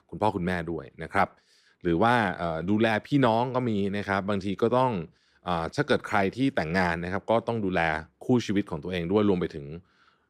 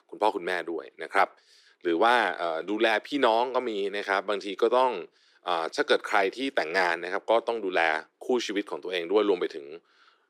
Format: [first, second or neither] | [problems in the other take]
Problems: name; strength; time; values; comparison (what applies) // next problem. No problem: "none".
first | thin; somewhat; fading below 350 Hz